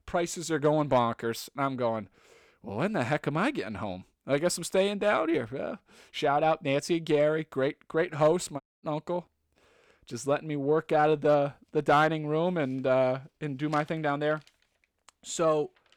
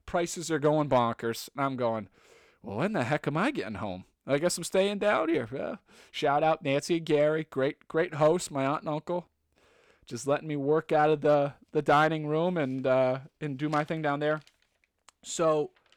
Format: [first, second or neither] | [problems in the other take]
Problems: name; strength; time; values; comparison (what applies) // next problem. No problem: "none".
second | audio cutting out; at 8.5 s